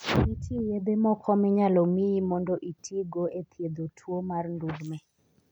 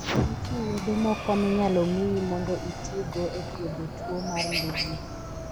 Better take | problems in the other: first | background sound (Guitar + Chicken, rooster); 5 dB below the speech

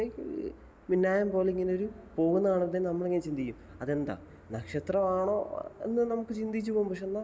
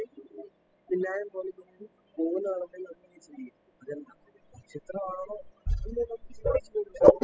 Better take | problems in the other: first | noise reduction (classical method spectral subtraction)

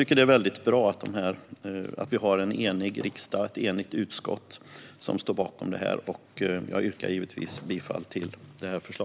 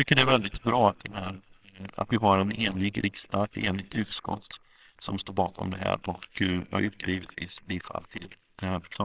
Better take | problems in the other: first | noise reduction (neural separator model SepFormer WHAMR!)

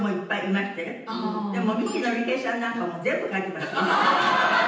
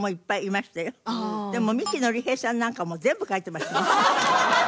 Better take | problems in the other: second | room echo; dies away in 0.9 s

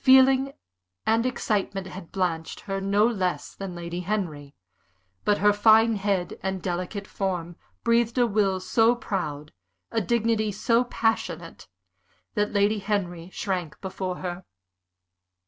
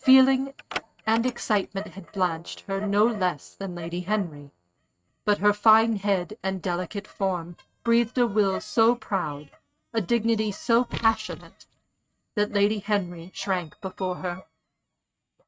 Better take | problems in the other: first | noise reduction (neural mask model RNNoise)

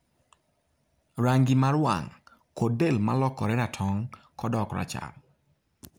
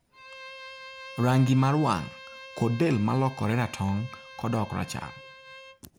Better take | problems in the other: first | background sound (Bowed string instrument); 17 dB below the speech

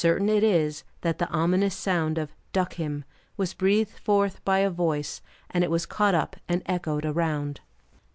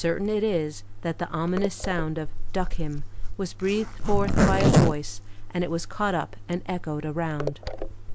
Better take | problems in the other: first | background sound (Zipper (clothing)); 2 dB above the speech

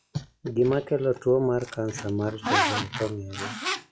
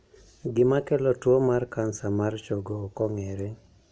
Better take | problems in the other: second | noise reduction (classical method log-MMSE)

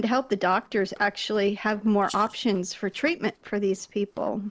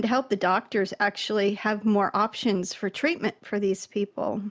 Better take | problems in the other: second | noise reduction (neural separator model SepFormer DNS4)

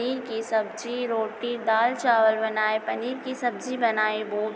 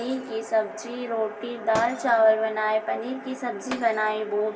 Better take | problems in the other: first | background sound (Shatter); 18 dB below the speech // room echo; dies away in 0.2 s

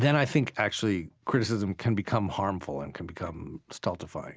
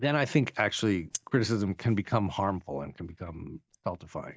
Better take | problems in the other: first | noise reduction (neural mask model DeepFilterNet 3)

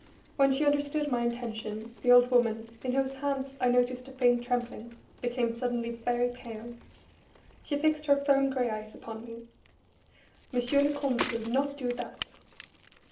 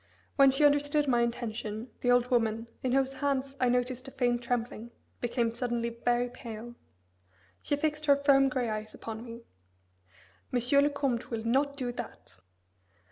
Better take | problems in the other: second | background sound (Bicycle); 18 dB below the speech // room echo; dies away in 0.3 s

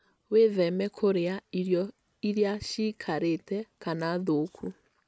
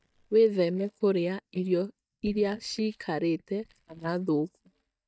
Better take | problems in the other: first | noise reduction (neural mask model DeepFilterNet 3)

